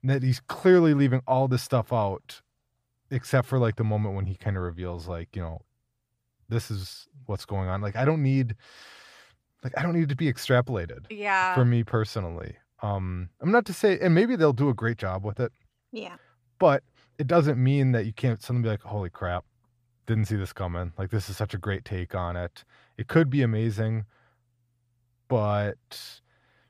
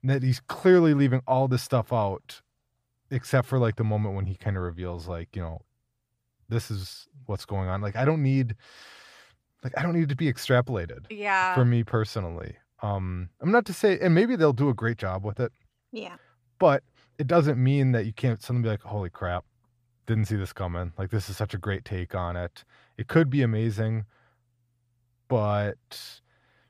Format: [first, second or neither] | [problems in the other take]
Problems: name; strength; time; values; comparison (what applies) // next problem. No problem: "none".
neither | none